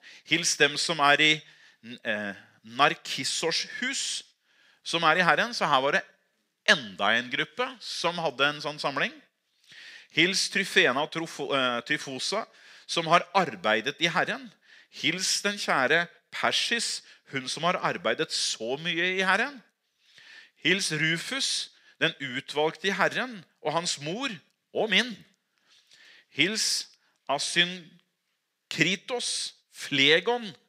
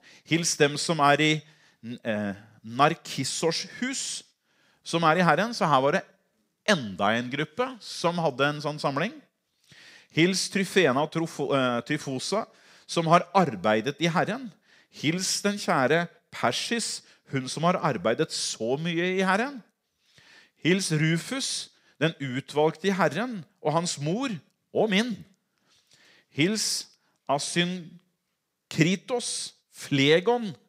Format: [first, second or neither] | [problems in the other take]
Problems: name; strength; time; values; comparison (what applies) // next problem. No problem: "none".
second | thin; very slightly; fading below 300 Hz